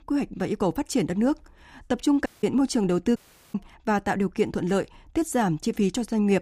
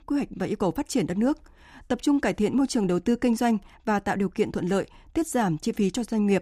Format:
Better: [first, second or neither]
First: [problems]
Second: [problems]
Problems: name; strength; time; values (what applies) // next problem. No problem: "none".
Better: second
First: audio cutting out; at 2.5 s and at 3 s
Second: none